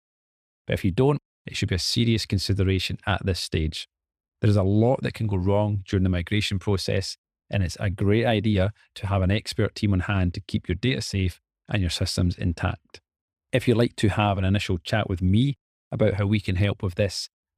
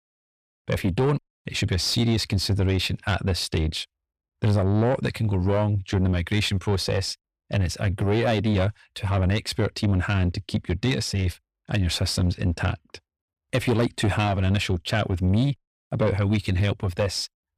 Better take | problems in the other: first | distortion; slight; 10 dB below the speech

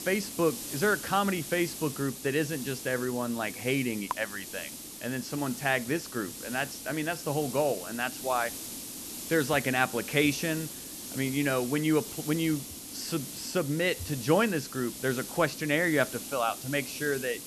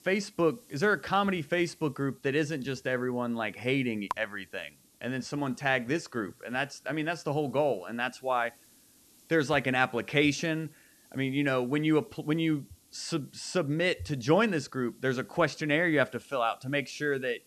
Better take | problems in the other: second | hiss; loud; throughout; 9 dB below the speech; faint in the second

